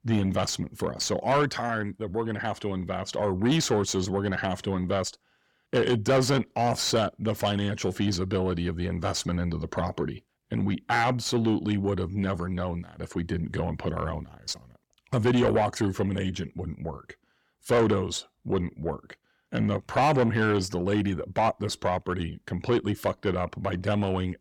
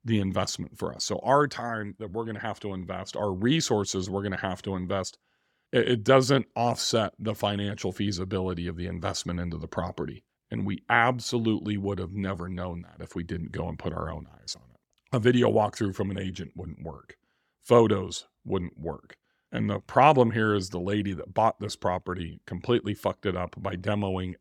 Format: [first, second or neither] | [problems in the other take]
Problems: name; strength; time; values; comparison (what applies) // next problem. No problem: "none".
second | distortion; heavy; 8 dB below the speech